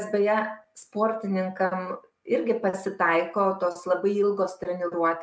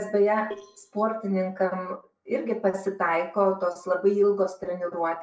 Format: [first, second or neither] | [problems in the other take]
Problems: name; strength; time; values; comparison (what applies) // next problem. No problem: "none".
first | noise reduction (neural separator model SepFormer DNS4)